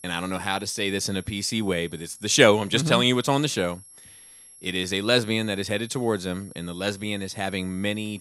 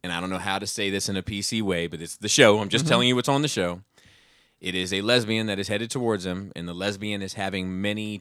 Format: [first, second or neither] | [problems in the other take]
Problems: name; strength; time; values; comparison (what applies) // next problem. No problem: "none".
second | high-pitched whine; faint; throughout; 11 kHz, 20 dB below the speech